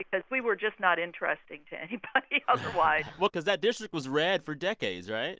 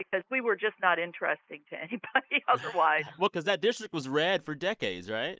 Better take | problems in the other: first | noise reduction (neural mask model Resemble Enhance denoiser)

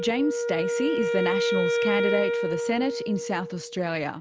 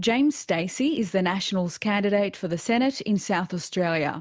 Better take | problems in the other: second | background sound (Wind instrument, woodwind instrument); 1 dB above the speech

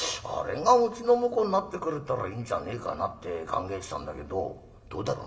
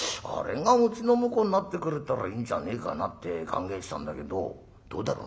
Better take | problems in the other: second | room echo; dies away in 1.6 s

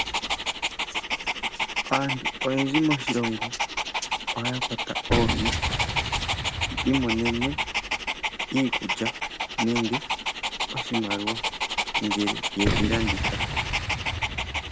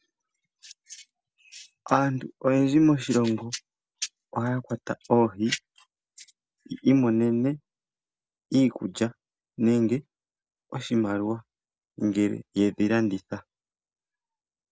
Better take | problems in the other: second | background sound (Boom + Dog); 2 dB above the speech

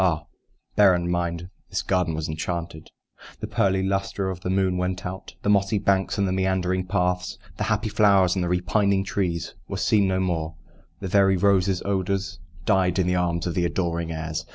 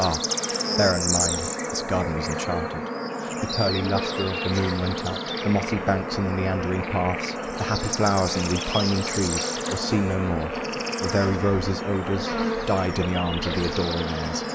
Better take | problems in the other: first | background sound (Bird / Insect / Frog); 2 dB below the speech

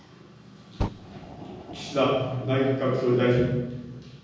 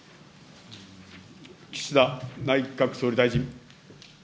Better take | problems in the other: second | background sound (Fire); 11 dB below the speech // room echo; dies away in 1.3 s

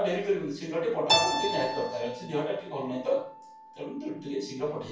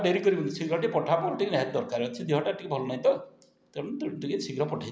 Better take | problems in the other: second | background sound (Keyboard (musical)); 4 dB below the speech // room echo; dies away in 0.3 s

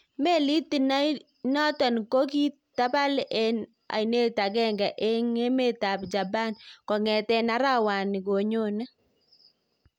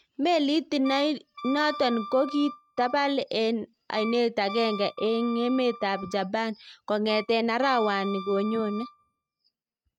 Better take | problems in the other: first | noise reduction (neural mask model RNNoise)

